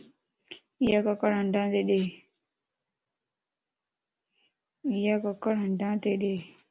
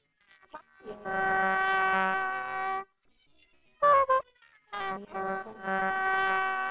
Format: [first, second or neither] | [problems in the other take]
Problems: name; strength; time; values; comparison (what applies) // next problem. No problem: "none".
first | noise reduction (neural separator model SepFormer WHAMR!)